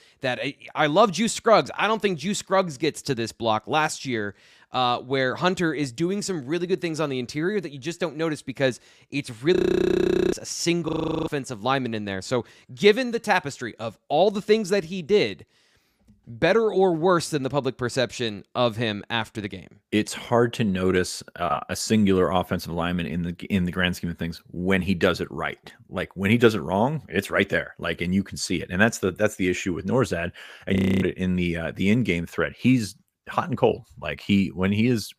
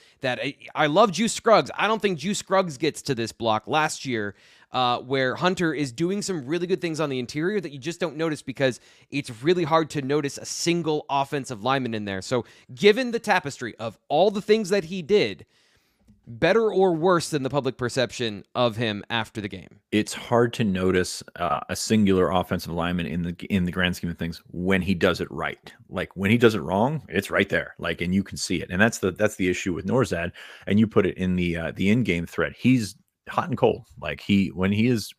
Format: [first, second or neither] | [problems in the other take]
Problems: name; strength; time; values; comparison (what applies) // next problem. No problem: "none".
second | audio freezing; at 9.5 s for 1 s, at 11 s and at 31 s